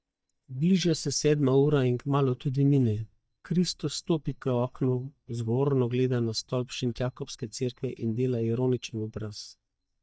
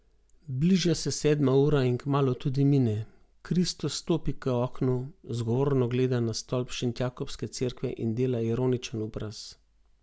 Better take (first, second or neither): second